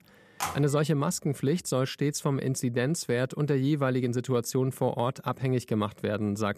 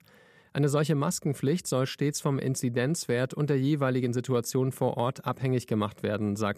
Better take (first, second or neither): second